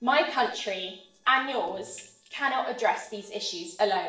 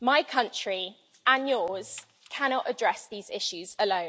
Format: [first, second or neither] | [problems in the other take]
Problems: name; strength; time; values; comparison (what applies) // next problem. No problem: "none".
second | noise reduction (neural separator model SepFormer DNS4)